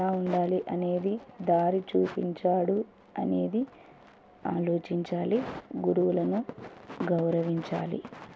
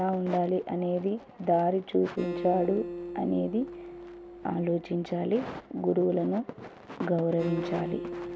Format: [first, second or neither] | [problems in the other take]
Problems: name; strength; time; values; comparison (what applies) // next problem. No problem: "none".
first | background sound (Acoustic guitar); 11 dB below the speech